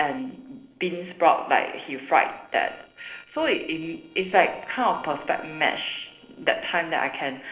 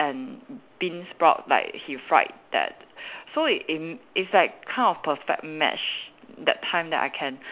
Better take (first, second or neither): second